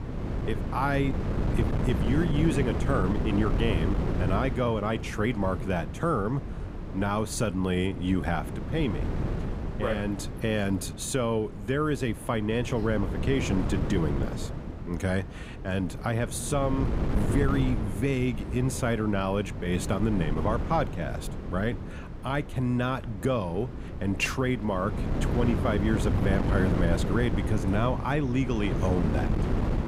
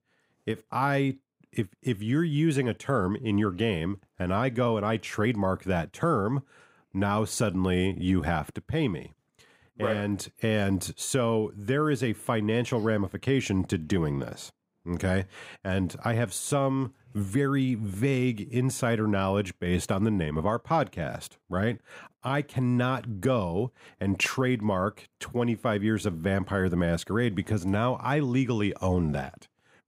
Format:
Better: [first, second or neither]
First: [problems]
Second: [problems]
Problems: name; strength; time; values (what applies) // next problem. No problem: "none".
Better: second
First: wind noise on the microphone; heavy; 7 dB below the speech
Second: none